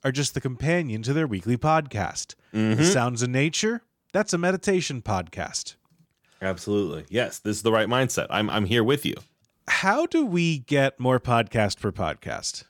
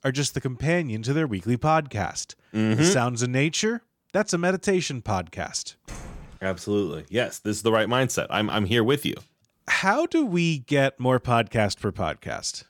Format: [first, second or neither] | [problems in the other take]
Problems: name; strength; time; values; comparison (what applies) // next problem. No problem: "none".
first | door banging; faint; at 6 s; peak 15 dB below the speech